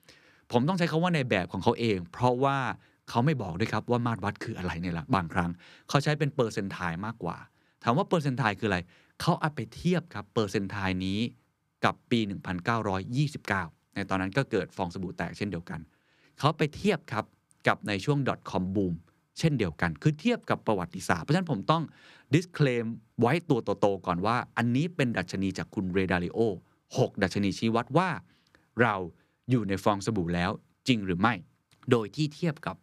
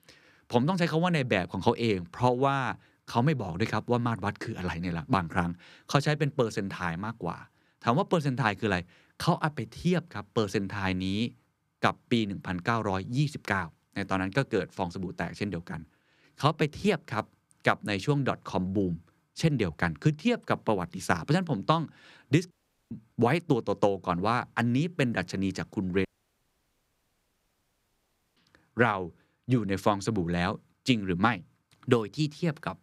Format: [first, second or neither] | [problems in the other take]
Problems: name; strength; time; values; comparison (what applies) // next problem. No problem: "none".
first | audio cutting out; at 23 s and at 26 s for 2.5 s